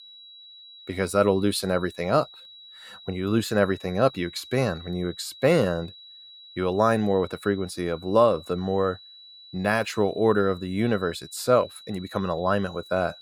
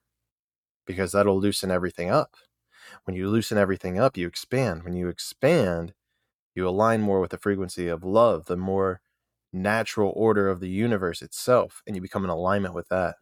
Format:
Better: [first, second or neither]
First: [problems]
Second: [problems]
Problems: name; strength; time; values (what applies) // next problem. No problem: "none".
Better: second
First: high-pitched whine; noticeable; throughout; 4 kHz, 20 dB below the speech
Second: none